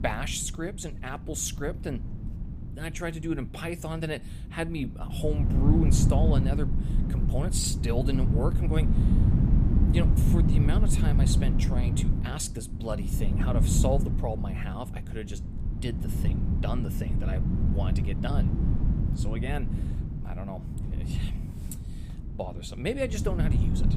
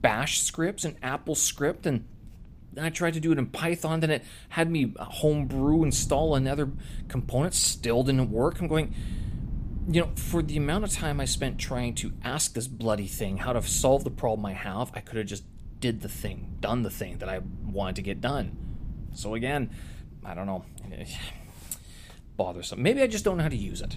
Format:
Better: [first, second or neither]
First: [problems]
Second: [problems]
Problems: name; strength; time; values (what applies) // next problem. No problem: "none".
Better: second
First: wind noise on the microphone; heavy; 4 dB below the speech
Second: wind noise on the microphone; occasional gusts; 20 dB below the speech